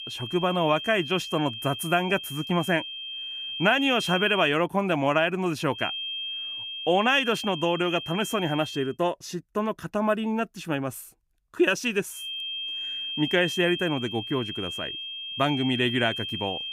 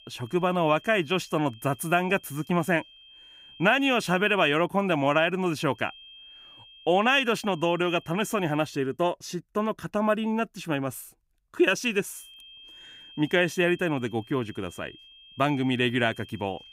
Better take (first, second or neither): second